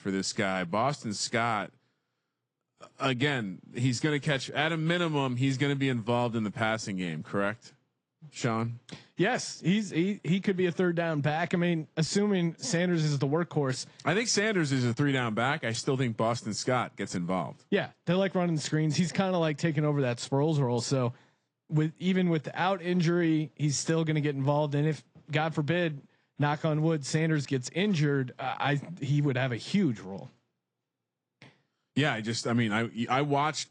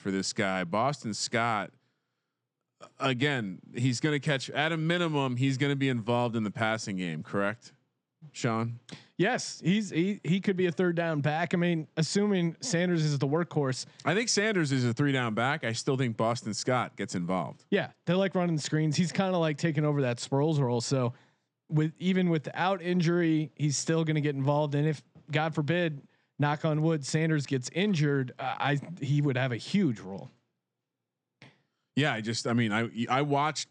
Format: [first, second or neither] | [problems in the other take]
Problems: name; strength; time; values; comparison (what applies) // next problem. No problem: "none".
second | garbled, watery; slightly